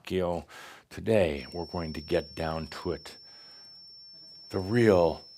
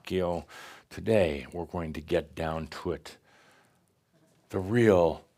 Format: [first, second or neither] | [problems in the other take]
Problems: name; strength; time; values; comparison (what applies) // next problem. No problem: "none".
second | high-pitched whine; noticeable; from 1.5 s on; 5.5 kHz, 20 dB below the speech